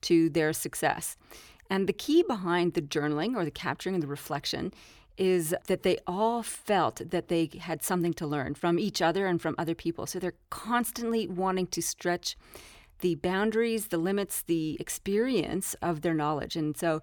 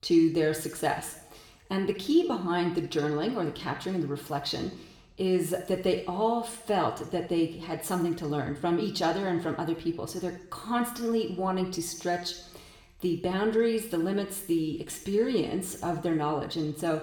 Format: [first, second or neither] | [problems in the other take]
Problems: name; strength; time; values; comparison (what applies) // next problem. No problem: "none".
first | room echo; slight; dies away in 0.8 s // off-mic speech; somewhat distant